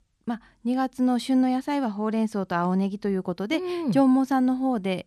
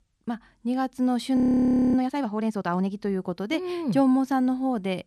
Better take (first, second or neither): first